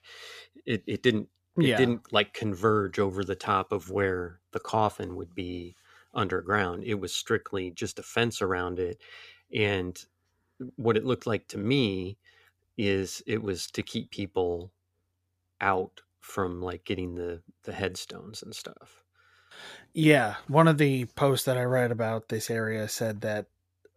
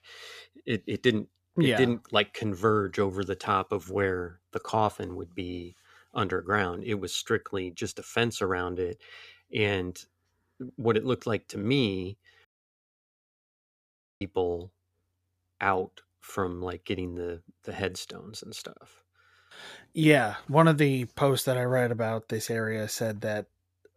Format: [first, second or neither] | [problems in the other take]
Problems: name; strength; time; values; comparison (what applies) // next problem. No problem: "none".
first | audio cutting out; at 12 s for 2 s